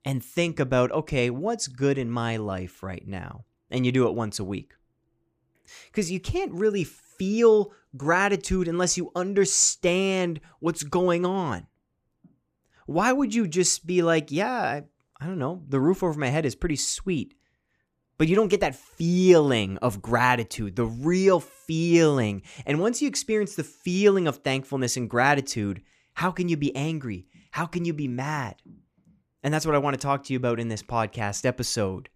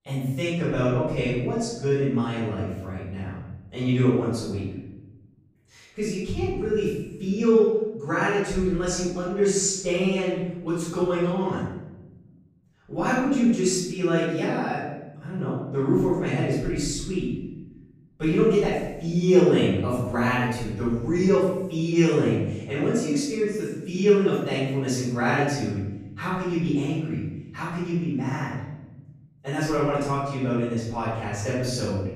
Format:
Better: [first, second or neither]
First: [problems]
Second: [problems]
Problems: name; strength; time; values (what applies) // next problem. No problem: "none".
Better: first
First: none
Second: off-mic speech; far // room echo; strong; dies away in 1.1 s